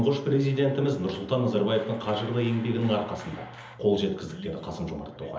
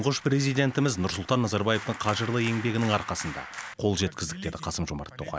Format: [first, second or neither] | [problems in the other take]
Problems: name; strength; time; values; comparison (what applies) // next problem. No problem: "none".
second | room echo; dies away in 0.7 s